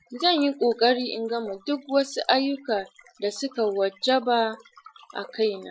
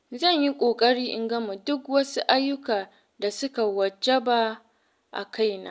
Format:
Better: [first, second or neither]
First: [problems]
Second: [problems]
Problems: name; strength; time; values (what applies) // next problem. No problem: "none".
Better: second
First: noise reduction (classical method Wiener filter)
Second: none